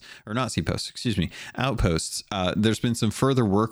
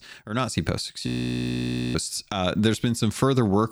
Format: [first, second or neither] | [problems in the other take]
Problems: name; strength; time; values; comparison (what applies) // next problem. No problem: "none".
first | audio freezing; at 1 s for 1 s